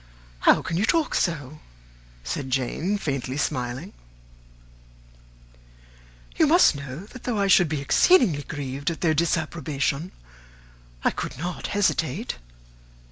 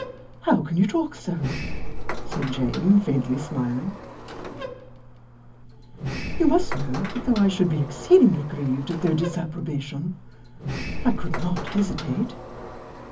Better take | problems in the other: first | background sound (Sliding door); 6 dB below the speech // room echo; dies away in 0.3 s

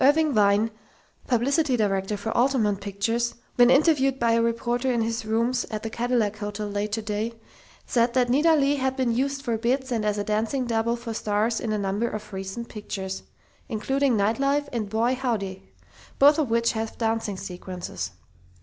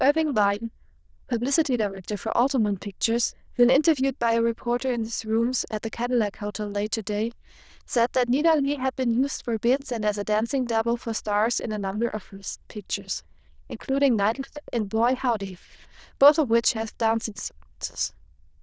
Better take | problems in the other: first | noise reduction (neural diffusion model UNIVERSE++)

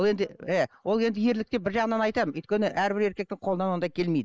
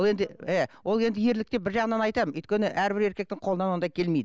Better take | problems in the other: second | noise reduction (neural mask model Resemble Enhance denoiser)

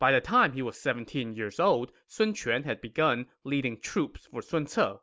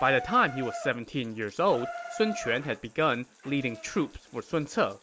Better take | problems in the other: first | background sound (Bathtub (filling or washing) / Water tap, faucet); 13 dB below the speech

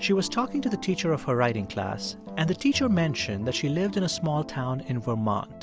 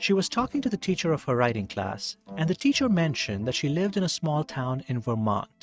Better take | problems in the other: first | noise reduction (neural mask model RNNoise)

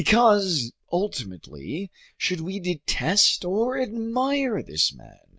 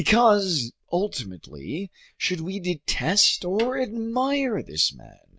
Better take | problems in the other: first | background sound (Snare drum + Chink, clink); 17 dB below the speech

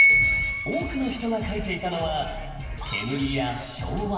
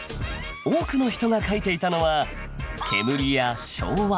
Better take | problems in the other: second | background sound (Piano); 1 dB above the speech // room echo; dies away in 1.3 s

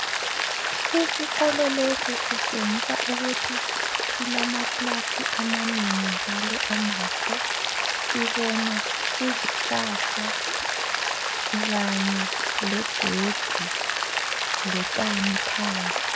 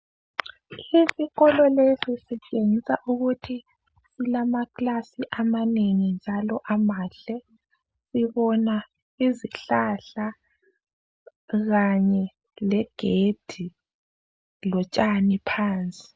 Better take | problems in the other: second | background sound (Rain); 4 dB above the speech

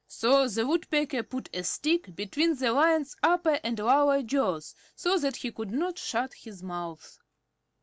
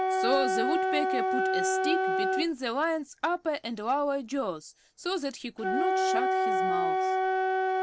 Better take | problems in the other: first | background sound (Wind instrument, woodwind instrument); 3 dB above the speech

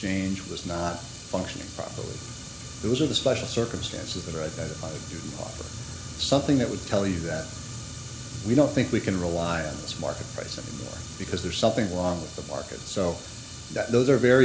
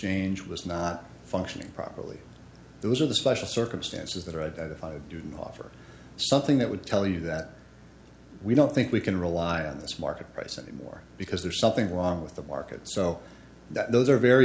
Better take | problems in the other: second | background sound (Fire); 11 dB below the speech

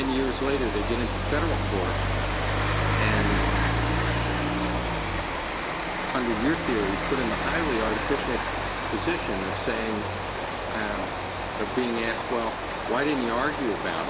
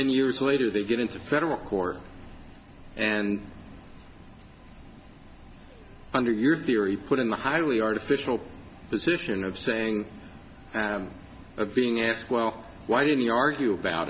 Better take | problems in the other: second | background sound (Rain); 3 dB above the speech

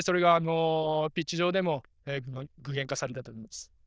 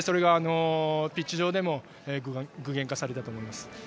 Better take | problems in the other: second | noise reduction (neural diffusion model UNIVERSE++)

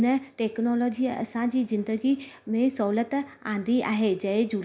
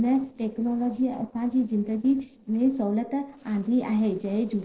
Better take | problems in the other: first | noise reduction (neural separator model SepFormer DNS4)

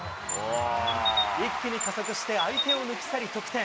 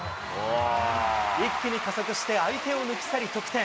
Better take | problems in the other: second | background sound (Chirp, tweet); 4 dB below the speech

